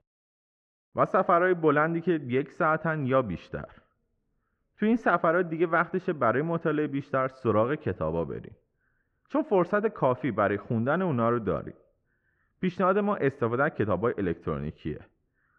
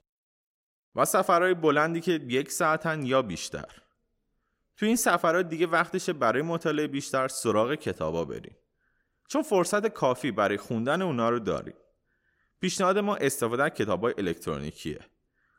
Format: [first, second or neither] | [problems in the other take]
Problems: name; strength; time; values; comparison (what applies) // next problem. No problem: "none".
second | muffled; very; fading above 2 kHz